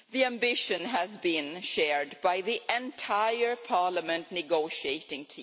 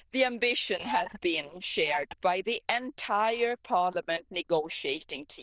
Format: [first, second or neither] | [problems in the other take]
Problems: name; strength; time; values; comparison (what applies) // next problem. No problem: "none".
first | noise reduction (neural diffusion model UNIVERSE++)